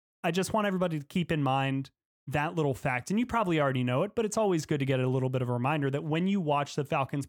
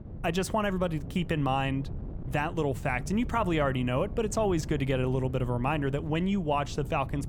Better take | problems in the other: first | wind noise on the microphone; occasional gusts; 20 dB below the speech

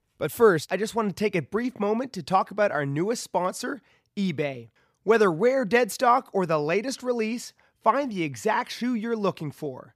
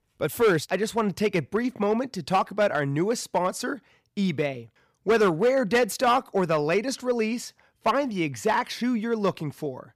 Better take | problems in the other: first | distortion; slight; 4% of the sound clipped

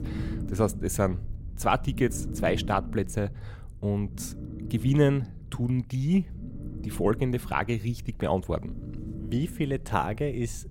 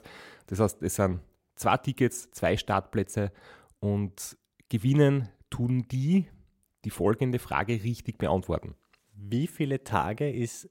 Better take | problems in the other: second | low rumble; noticeable; throughout; 15 dB below the speech

